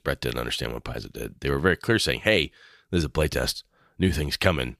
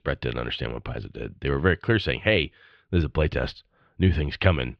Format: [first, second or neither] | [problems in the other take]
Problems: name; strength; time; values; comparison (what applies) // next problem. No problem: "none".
first | muffled; slightly; fading above 3 kHz